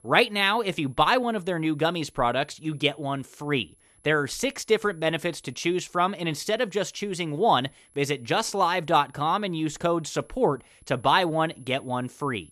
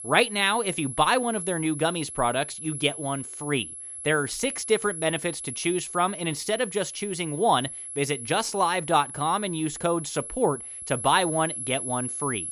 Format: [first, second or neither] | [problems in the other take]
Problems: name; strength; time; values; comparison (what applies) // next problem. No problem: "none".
first | high-pitched whine; loud; throughout; 11 kHz, 8 dB below the speech; faint in the first